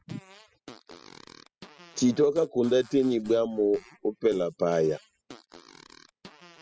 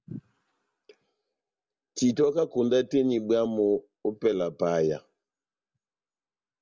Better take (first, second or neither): second